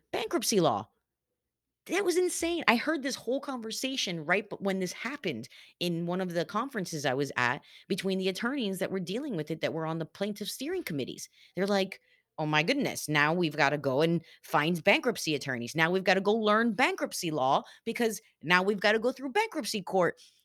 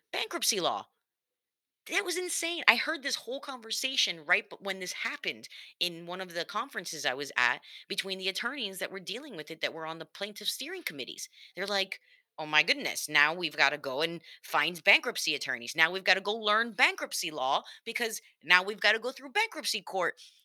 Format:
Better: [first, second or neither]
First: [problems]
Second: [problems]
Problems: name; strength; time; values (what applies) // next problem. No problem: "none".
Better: first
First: none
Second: thin; somewhat; fading below 1 kHz